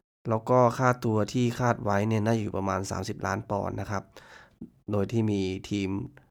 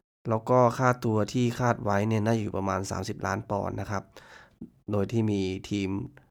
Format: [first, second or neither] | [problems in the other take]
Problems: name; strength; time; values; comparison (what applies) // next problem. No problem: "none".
neither | none